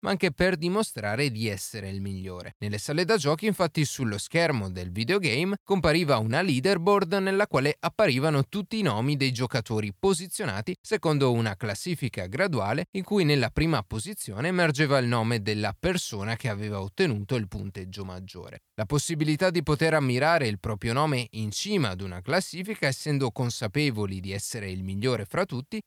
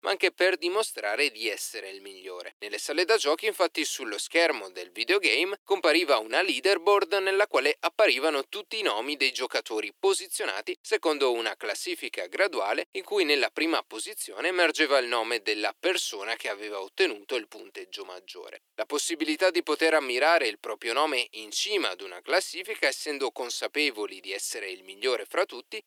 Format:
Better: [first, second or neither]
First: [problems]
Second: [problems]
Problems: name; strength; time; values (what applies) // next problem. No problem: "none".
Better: first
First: none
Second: thin; very; fading below 300 Hz